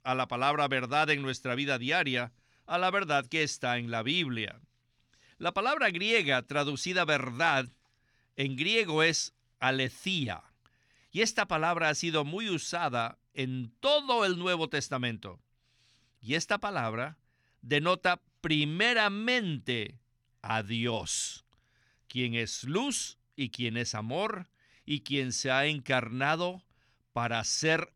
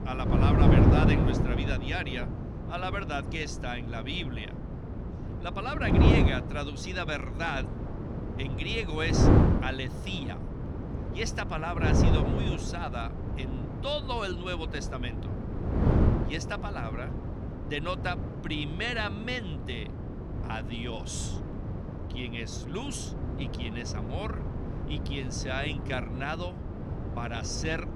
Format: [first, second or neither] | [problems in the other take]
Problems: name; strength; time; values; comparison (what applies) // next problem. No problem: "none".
first | wind noise on the microphone; heavy; 2 dB below the speech